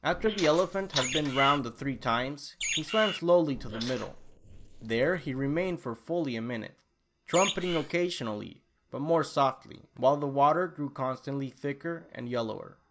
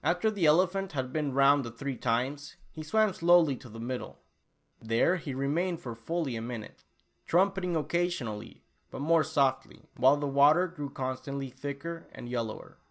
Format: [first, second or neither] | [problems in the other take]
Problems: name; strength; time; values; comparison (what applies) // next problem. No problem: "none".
second | noise reduction (neural mask model Resemble Enhance denoiser)